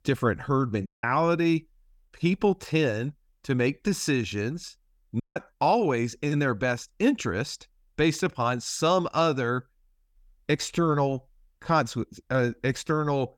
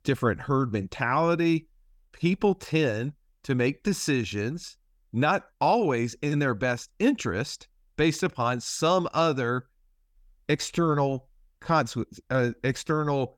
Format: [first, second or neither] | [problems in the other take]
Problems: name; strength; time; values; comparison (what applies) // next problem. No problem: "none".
second | audio cutting out; at 1 s and at 5 s